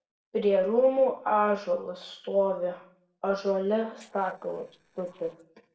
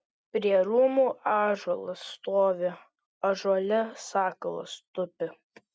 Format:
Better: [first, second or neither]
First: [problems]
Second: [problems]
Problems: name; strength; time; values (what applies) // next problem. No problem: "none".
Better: second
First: noise reduction (neural separator model SepFormer DNS4)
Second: none